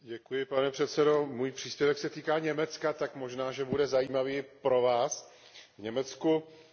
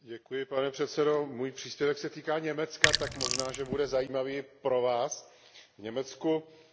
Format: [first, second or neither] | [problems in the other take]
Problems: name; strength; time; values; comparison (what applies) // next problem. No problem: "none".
first | background sound (Sink (filling or washing)); 1 dB above the speech